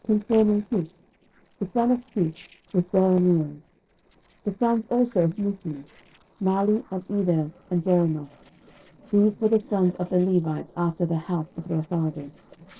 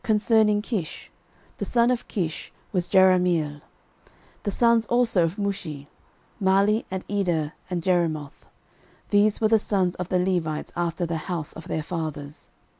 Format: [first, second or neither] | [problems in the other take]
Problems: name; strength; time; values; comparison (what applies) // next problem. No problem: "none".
second | noise reduction (neural separator model SepFormer DNS4)